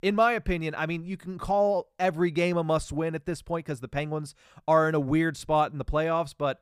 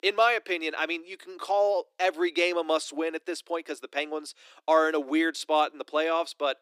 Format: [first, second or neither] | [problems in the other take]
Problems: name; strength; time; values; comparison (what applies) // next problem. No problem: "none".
first | thin; somewhat; fading below 300 Hz